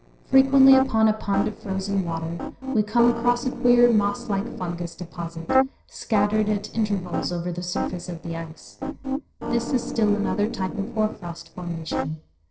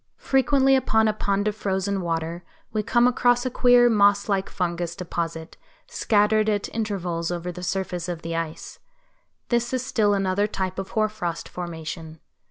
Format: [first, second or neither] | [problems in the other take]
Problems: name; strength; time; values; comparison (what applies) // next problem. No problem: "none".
second | noise reduction (neural separator model SepFormer DNS4)